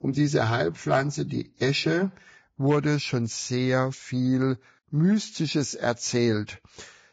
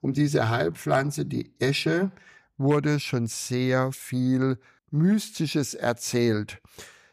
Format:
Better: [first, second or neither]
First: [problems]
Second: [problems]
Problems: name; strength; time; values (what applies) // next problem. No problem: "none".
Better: second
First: garbled, watery; badly; nothing above 7.5 kHz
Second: none